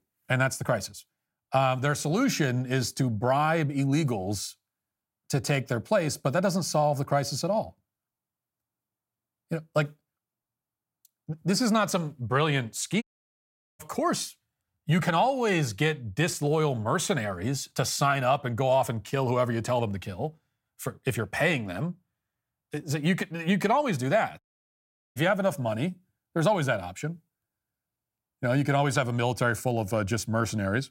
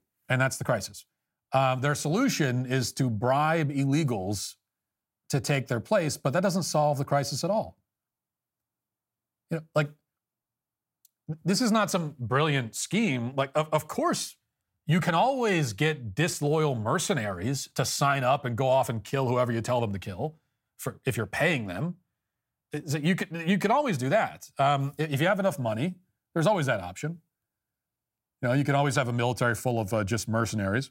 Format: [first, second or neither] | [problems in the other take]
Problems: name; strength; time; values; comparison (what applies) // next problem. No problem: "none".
second | audio cutting out; at 13 s for 1 s and at 24 s for 1 s